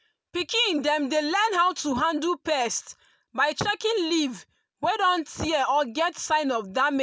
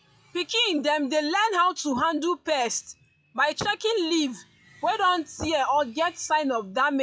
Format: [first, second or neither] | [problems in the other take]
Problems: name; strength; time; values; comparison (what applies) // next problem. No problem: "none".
first | noise reduction (classical method log-MMSE)